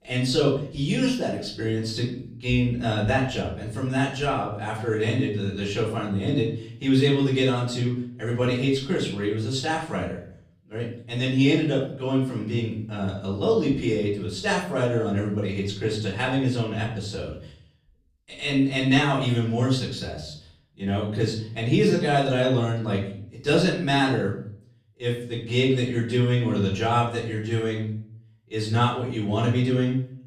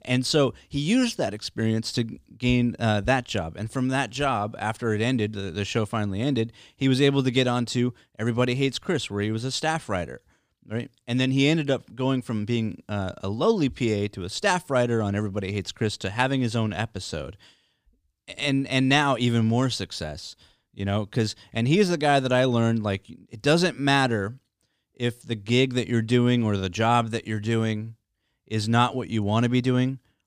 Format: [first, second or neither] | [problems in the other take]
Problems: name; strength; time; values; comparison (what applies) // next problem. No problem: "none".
second | off-mic speech; far // room echo; slight; dies away in 0.5 s